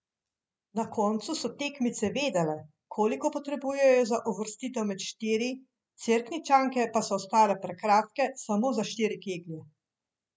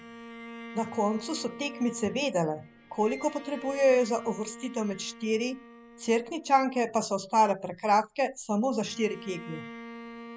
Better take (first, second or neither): first